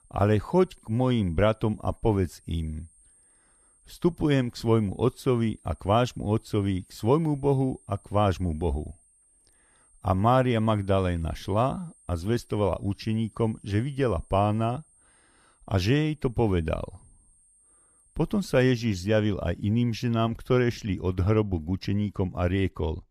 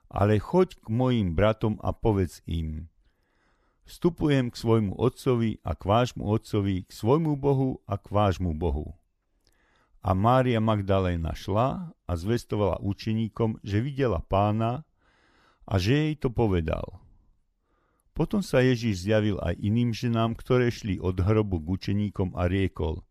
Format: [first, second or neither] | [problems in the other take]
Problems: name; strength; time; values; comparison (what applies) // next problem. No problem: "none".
second | high-pitched whine; faint; until 19 s; 8.5 kHz, 30 dB below the speech